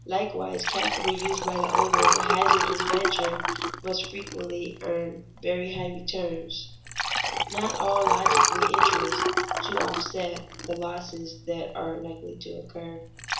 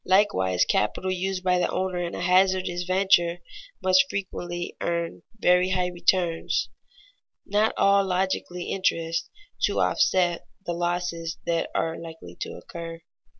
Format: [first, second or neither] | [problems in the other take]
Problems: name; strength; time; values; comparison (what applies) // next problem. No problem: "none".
second | background sound (Liquid); 4 dB above the speech // room echo; dies away in 0.7 s